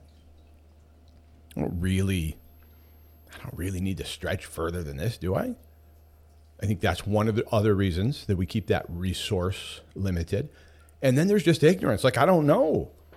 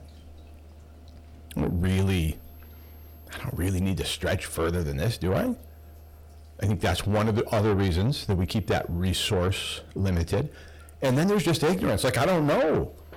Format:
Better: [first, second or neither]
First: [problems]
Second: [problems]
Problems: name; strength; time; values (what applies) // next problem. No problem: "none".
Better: first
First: none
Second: distortion; heavy; 6 dB below the speech